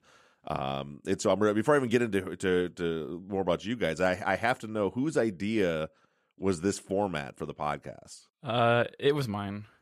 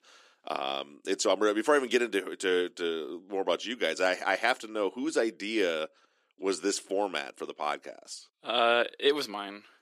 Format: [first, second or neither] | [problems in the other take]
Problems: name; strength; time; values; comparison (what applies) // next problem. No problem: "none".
first | thin; very slightly; fading below 300 Hz